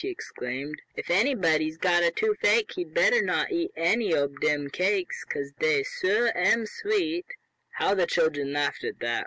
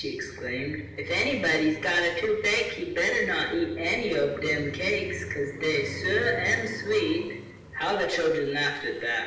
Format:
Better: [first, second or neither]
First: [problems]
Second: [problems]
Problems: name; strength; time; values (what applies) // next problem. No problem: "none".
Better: first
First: none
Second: background sound (Car passing by); 14 dB below the speech // room echo; dies away in 0.8 s